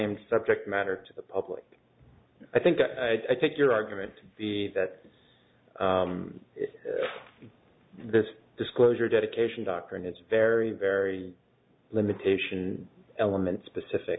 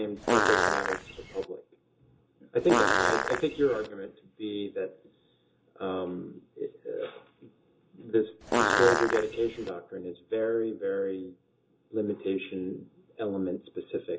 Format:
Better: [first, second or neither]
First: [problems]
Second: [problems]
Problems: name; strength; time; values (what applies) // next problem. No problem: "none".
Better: first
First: none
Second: background sound (Fart); 4 dB above the speech // room echo; dies away in 0.2 s